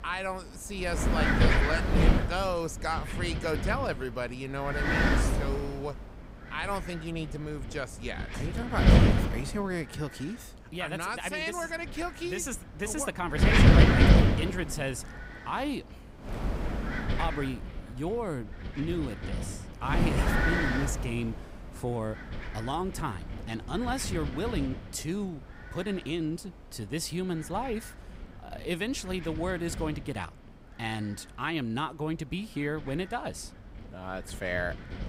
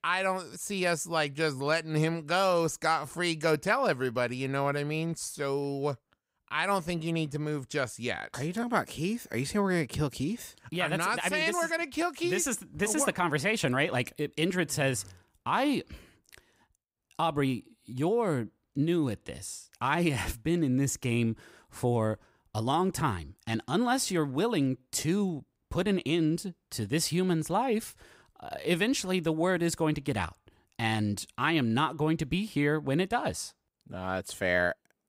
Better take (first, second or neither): second